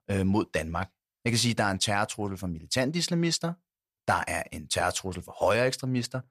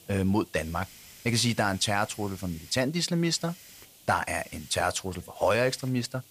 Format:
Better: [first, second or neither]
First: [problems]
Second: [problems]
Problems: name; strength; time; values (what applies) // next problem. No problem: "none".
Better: first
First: none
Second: hiss; noticeable; throughout; 20 dB below the speech